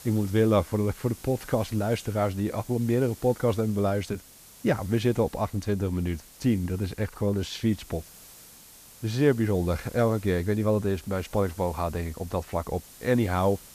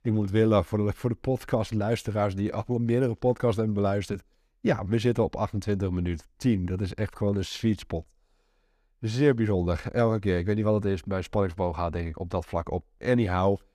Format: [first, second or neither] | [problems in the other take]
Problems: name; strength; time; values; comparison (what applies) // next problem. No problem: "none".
second | hiss; noticeable; throughout; 20 dB below the speech